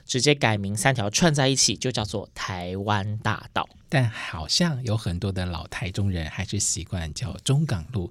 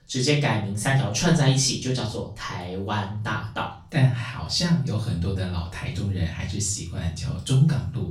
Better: first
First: none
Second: off-mic speech; far // room echo; slight; dies away in 0.4 s

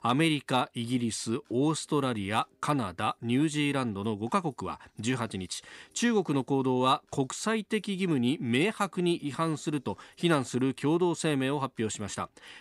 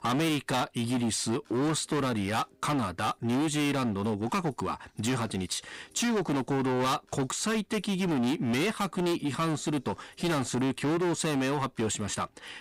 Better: first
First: none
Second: distortion; heavy; 25% of the sound clipped

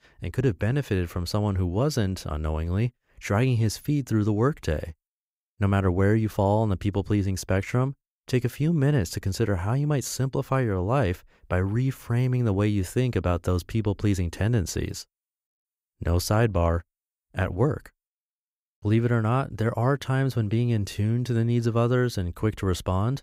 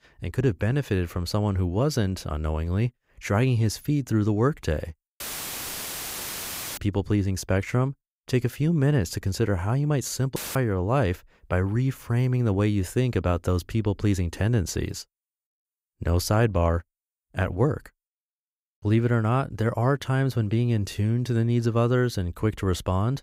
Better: first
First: none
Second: audio cutting out; filled with static; at 5 s for 1.5 s and at 10 s

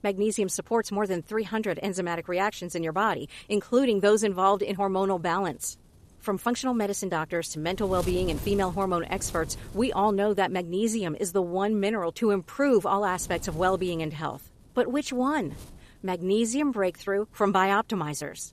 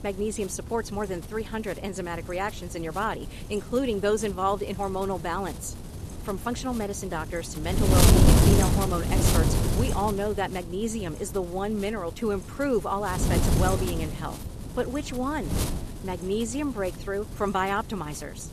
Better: first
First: wind noise on the microphone; occasional gusts; 20 dB below the speech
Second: wind noise on the microphone; heavy; 1 dB below the speech

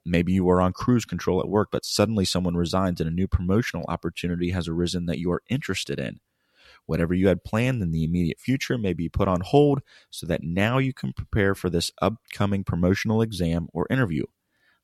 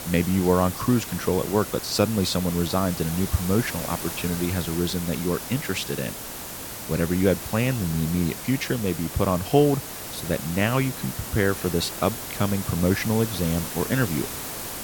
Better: first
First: none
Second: hiss; loud; throughout; 7 dB below the speech

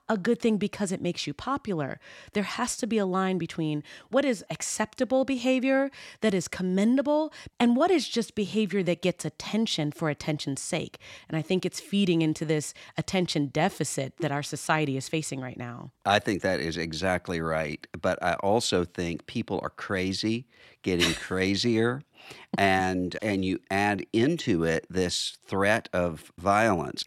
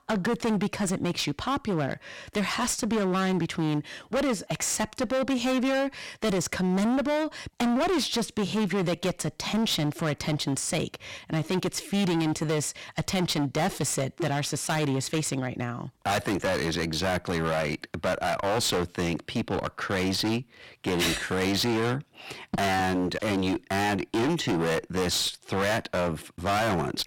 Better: first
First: none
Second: distortion; heavy; 24% of the sound clipped

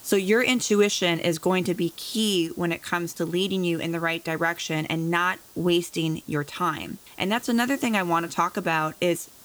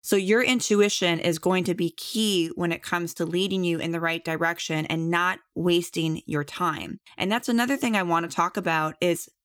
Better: second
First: hiss; faint; throughout; 20 dB below the speech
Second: none

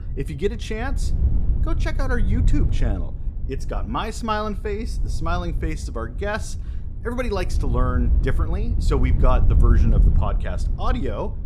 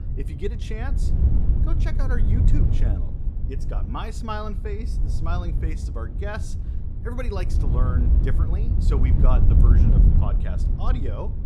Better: first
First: wind noise on the microphone; occasional gusts; 10 dB below the speech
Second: wind noise on the microphone; heavy; 3 dB below the speech

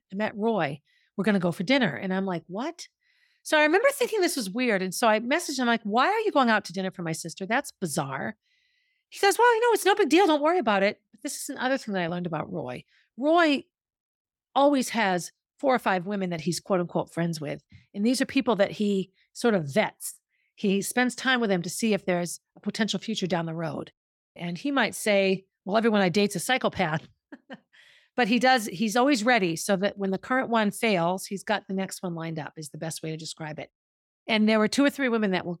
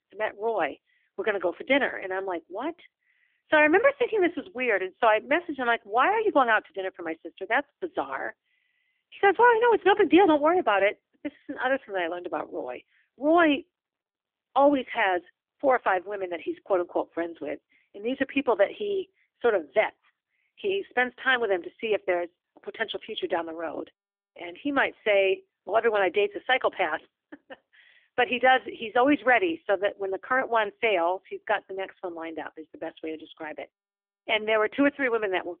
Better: first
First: none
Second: phone-call audio; nothing above 3.5 kHz

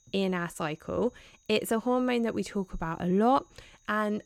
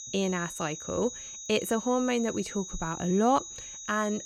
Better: first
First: high-pitched whine; faint; throughout; 6.5 kHz, 35 dB below the speech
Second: high-pitched whine; loud; throughout; 6.5 kHz, 10 dB below the speech

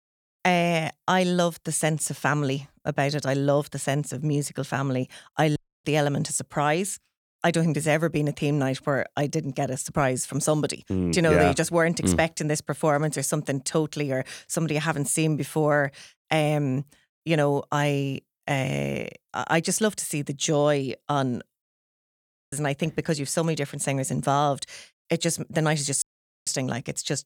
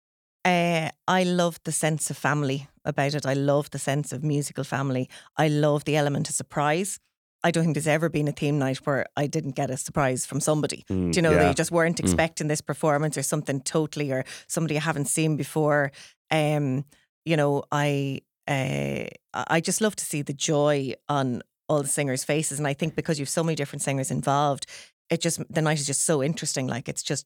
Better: second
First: audio cutting out; at 5.5 s, at 22 s for 1 s and at 26 s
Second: none

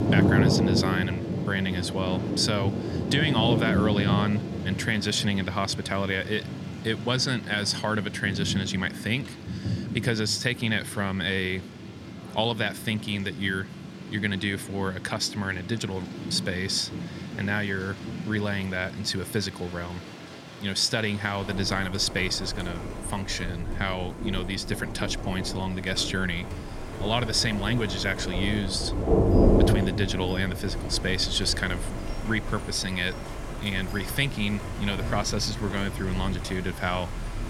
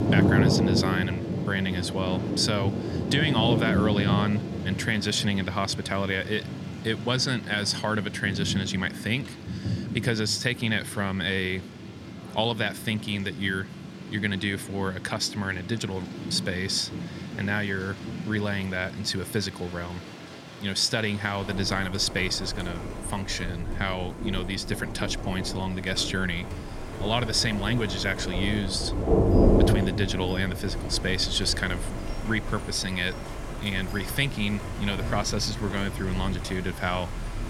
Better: neither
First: rain or running water; loud; throughout; 3 dB below the speech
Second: rain or running water; loud; throughout; 3 dB below the speech

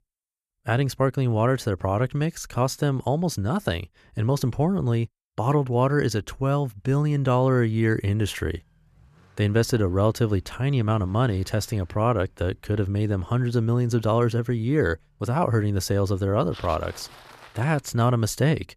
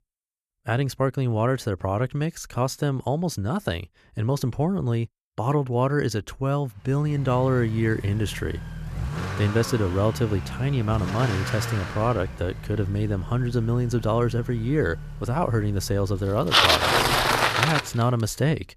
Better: first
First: traffic noise; faint; from 7 s on; 30 dB below the speech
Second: traffic noise; loud; from 7 s on; 2 dB below the speech

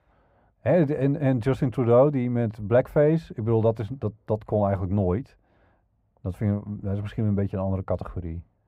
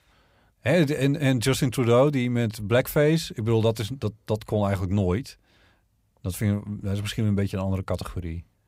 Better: second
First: muffled; very; fading above 2.5 kHz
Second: none

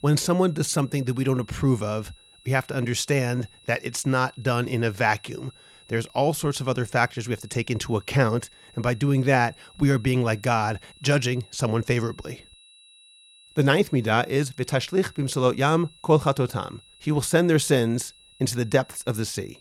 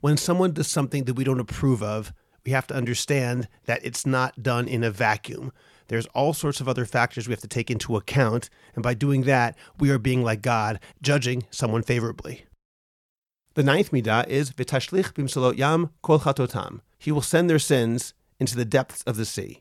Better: second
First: high-pitched whine; faint; throughout; 4 kHz, 25 dB below the speech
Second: none

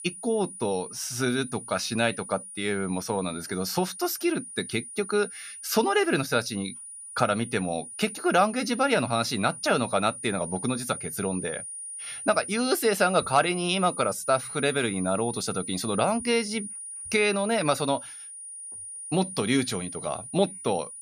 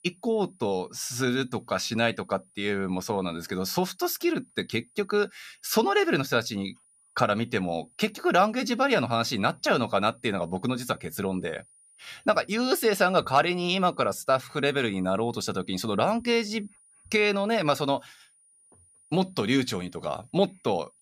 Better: second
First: high-pitched whine; loud; throughout; 9.5 kHz, 10 dB below the speech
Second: high-pitched whine; faint; throughout; 9.5 kHz, 30 dB below the speech

